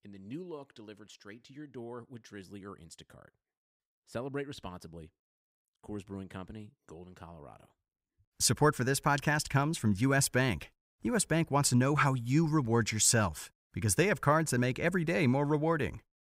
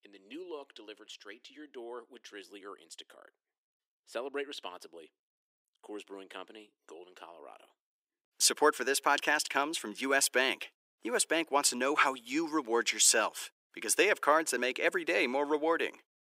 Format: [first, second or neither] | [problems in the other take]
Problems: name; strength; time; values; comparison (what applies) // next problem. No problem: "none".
first | thin; very; fading below 300 Hz